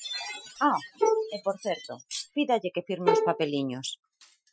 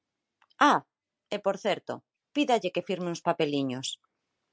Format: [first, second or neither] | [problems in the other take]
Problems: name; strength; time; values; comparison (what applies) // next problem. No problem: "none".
second | noise reduction (classical method Wiener filter)